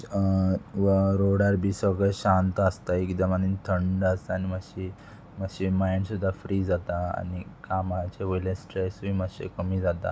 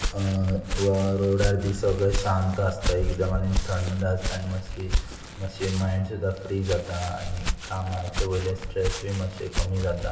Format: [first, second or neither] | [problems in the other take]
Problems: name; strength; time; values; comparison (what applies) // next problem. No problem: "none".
first | background sound (Walk, footsteps); 4 dB below the speech // room echo; dies away in 1.1 s